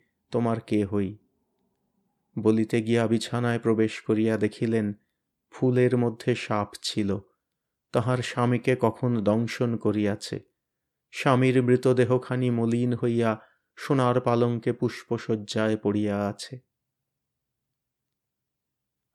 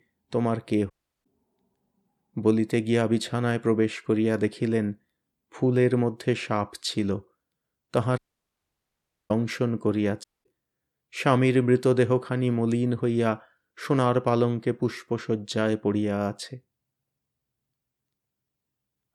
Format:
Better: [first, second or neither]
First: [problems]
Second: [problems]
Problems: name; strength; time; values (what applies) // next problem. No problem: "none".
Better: first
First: none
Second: audio cutting out; at 1 s, at 8 s for 1 s and at 10 s